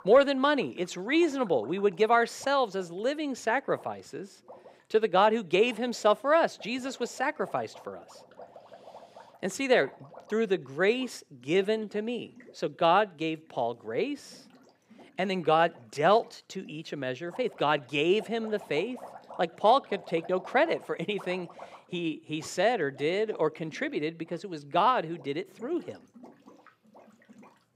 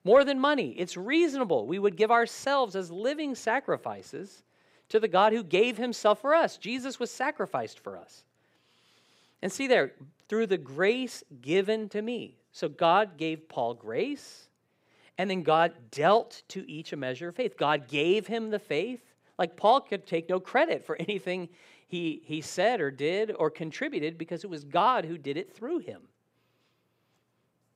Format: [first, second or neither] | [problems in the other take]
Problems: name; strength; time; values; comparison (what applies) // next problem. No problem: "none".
second | rain or running water; faint; throughout; 25 dB below the speech